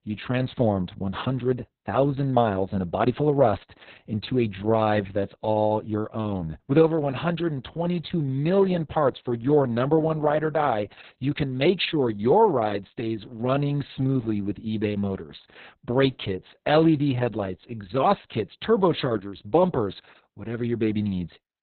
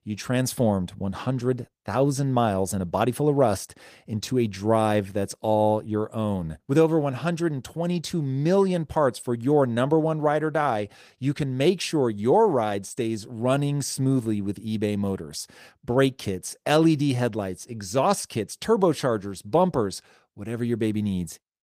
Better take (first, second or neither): second